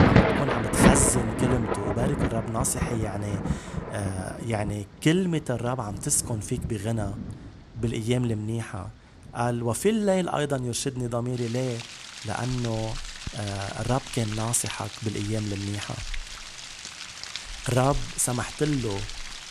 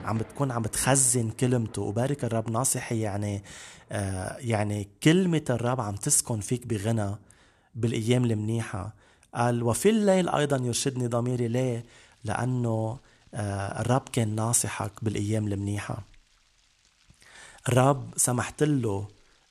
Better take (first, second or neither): second